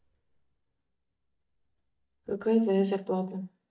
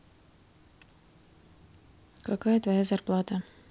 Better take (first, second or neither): second